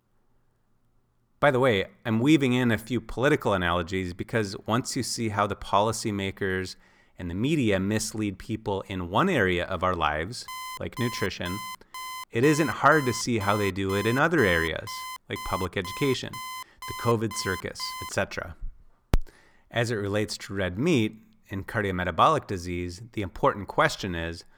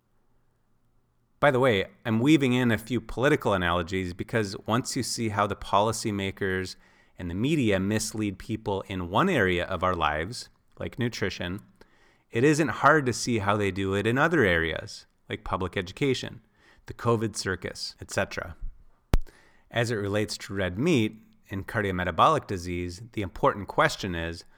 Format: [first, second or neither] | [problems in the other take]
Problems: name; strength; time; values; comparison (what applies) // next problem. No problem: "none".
second | alarm; faint; from 10 to 18 s; peak 10 dB below the speech